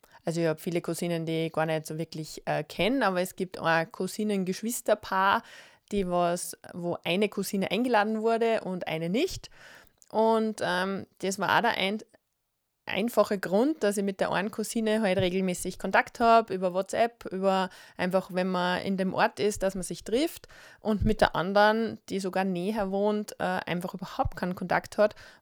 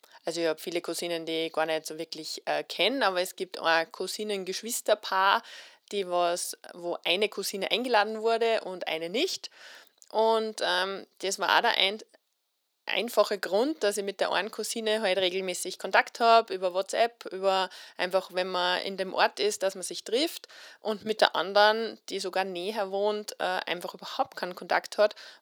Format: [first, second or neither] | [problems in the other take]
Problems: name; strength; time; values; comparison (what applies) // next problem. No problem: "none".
first | thin; somewhat; fading below 300 Hz